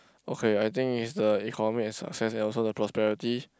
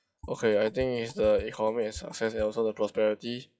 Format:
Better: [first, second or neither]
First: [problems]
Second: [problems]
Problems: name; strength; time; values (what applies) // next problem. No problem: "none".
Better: first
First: none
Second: noise reduction (classical method WPE with log-MMSE)